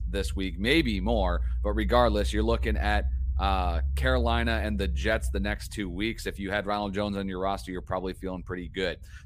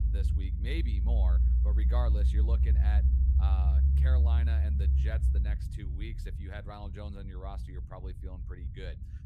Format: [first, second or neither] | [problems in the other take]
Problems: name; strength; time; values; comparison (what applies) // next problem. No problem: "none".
first | low rumble; loud; throughout; 1 dB below the speech; faint in the first